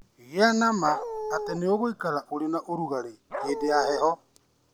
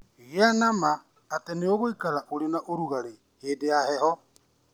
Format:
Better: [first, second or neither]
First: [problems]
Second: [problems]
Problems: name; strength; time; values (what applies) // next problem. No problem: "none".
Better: second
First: background sound (Dog); 5 dB below the speech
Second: none